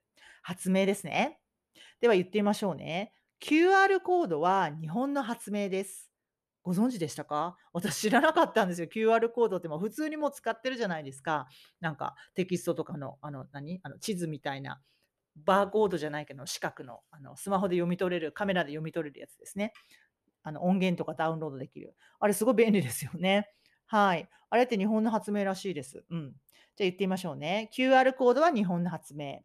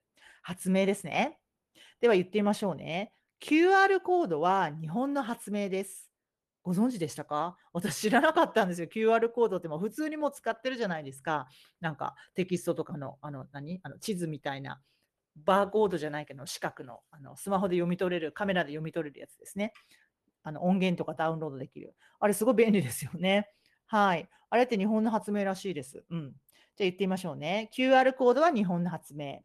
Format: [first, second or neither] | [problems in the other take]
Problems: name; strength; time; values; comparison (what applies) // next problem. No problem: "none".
first | garbled, watery; slightly; nothing above 13.5 kHz